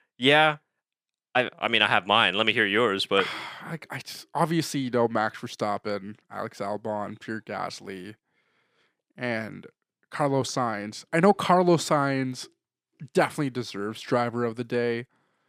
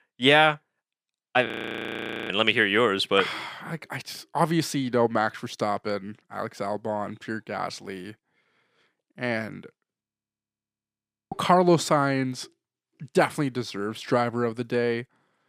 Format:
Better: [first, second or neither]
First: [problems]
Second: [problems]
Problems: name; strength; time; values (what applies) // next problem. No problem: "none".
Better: first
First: none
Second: audio freezing; at 1.5 s for 1 s and at 10 s for 1.5 s